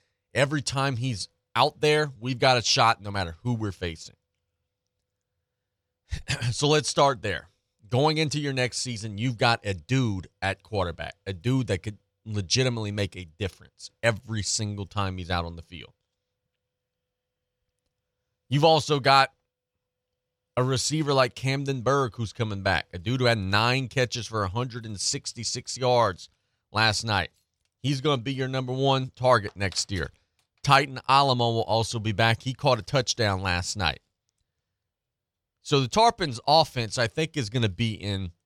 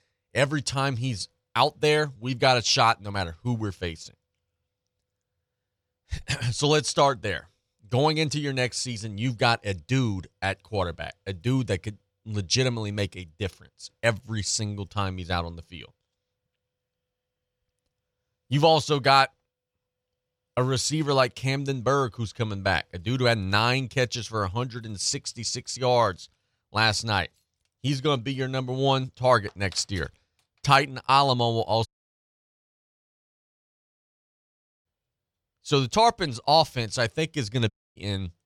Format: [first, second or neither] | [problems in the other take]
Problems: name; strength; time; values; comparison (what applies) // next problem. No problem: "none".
first | audio cutting out; at 32 s for 3 s and at 38 s